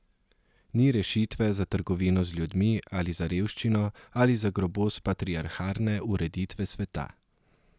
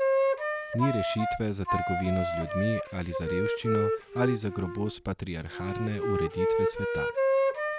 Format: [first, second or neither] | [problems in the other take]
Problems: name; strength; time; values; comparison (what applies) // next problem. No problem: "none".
first | background sound (Wind instrument, woodwind instrument); 3 dB above the speech